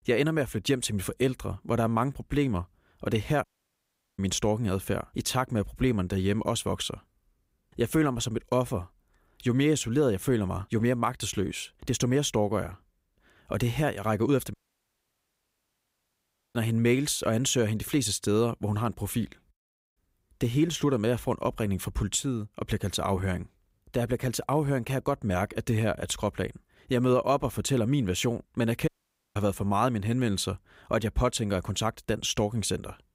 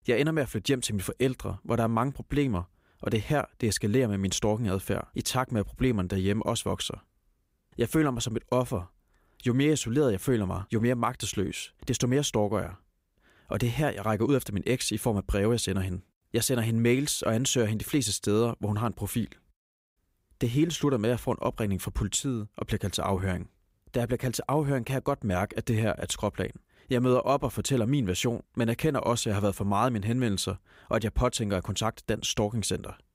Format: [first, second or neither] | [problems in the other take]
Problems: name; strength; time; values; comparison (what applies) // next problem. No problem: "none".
second | audio cutting out; at 3.5 s for 0.5 s, at 15 s for 2 s and at 29 s